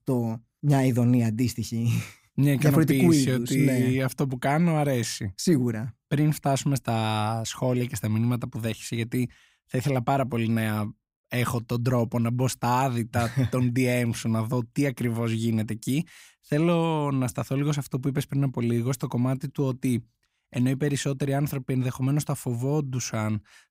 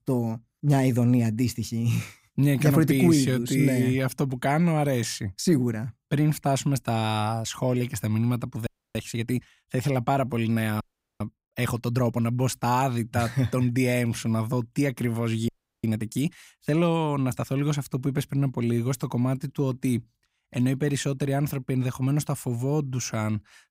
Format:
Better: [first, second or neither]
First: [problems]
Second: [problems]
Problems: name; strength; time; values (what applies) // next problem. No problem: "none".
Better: first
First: none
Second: audio freezing; at 8.5 s, at 11 s and at 15 s